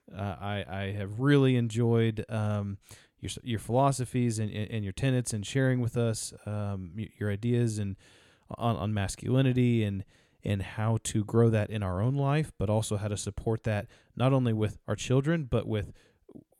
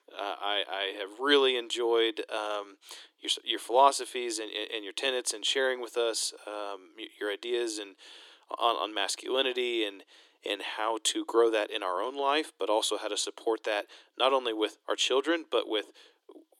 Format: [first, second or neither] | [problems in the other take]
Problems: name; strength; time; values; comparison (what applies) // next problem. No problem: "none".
first | thin; very; fading below 300 Hz